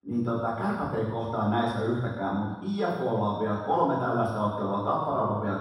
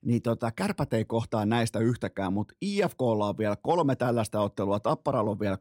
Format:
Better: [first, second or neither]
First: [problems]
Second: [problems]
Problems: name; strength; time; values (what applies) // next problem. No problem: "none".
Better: second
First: room echo; strong; dies away in 1.2 s // off-mic speech; far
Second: none